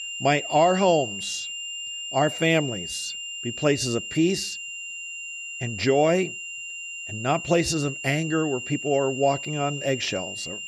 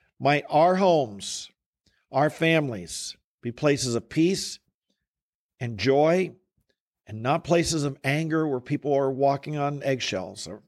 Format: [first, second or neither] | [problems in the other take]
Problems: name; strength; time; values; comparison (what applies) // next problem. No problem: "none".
second | high-pitched whine; loud; throughout; 3 kHz, 8 dB below the speech